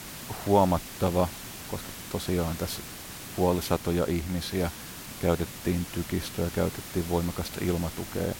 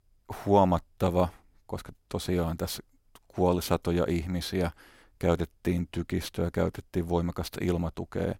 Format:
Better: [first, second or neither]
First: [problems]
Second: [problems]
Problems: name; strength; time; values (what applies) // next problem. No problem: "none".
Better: second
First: hiss; loud; throughout; 10 dB below the speech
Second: none